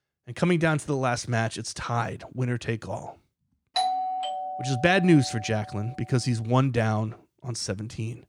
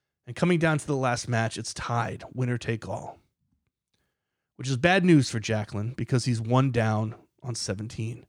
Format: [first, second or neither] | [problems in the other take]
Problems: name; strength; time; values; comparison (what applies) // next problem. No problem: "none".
second | doorbell; loud; from 4 to 5.5 s; peak level with the speech